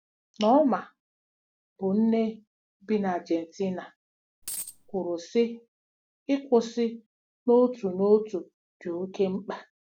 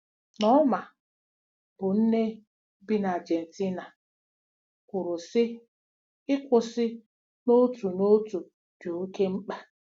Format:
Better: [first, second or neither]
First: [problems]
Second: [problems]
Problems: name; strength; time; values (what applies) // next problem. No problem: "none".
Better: second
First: background sound (Coin (dropping)); 10 dB below the speech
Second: none